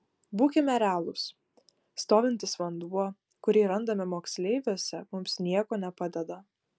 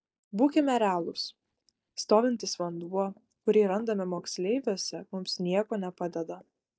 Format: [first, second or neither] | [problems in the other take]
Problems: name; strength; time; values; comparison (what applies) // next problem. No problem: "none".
first | noise reduction (neural mask model DeepFilterNet 3)